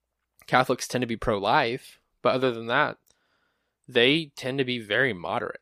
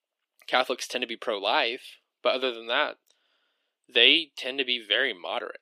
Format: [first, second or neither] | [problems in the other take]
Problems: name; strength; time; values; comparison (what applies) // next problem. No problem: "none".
first | thin; very slightly; fading below 300 Hz